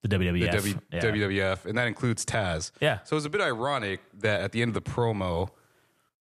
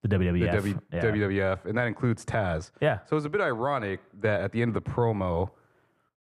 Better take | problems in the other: first | muffled; slightly; fading above 2.5 kHz

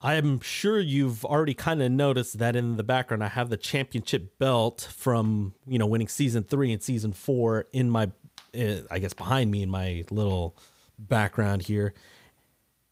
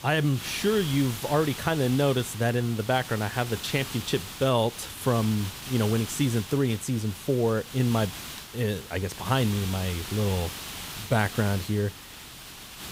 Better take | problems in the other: first | hiss; noticeable; throughout; 10 dB below the speech

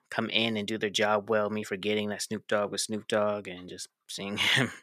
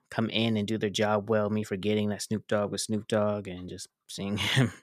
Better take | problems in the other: second | thin; very slightly; fading below 650 Hz

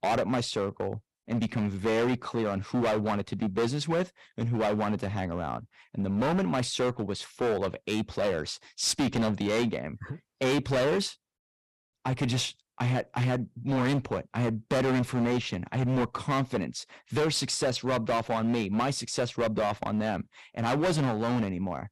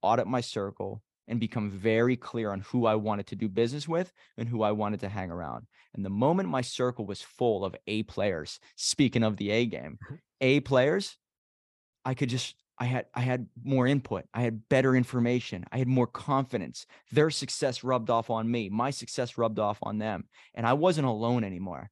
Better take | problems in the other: second | distortion; heavy; 15% of the sound clipped

